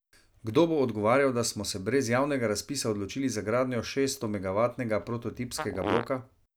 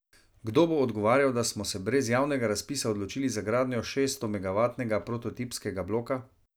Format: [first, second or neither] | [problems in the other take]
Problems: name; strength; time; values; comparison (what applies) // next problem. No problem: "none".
second | background sound (Fart); 7 dB below the speech